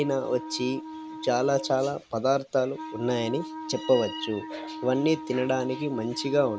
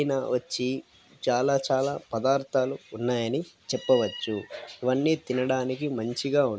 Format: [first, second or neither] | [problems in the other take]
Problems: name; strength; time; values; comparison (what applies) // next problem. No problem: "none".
second | background sound (Wind instrument, woodwind instrument); 12 dB below the speech